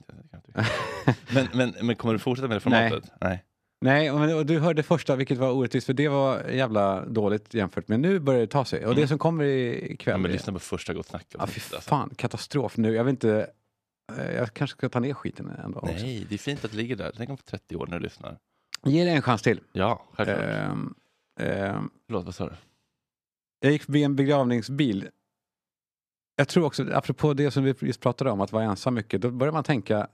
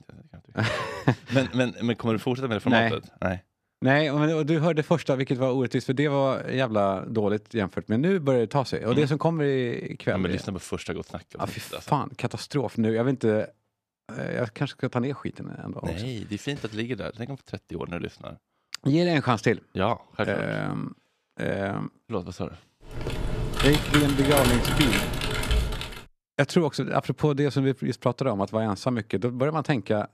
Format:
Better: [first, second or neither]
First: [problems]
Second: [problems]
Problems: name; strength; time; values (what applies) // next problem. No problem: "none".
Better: first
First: none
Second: keyboard typing; loud; from 23 to 26 s; peak 3 dB above the speech